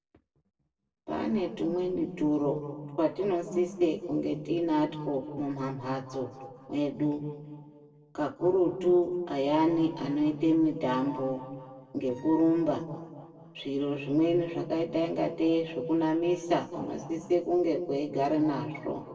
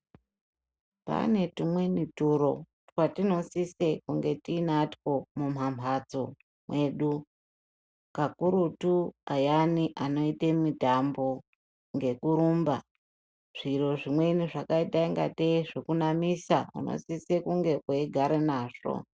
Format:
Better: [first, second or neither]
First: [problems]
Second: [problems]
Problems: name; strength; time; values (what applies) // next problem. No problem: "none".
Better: second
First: noise reduction (neural separator model SepFormer DNS4)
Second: none